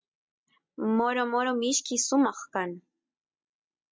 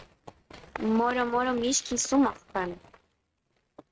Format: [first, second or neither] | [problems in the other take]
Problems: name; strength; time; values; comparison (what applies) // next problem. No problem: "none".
first | noise reduction (neural mask model RNNoise)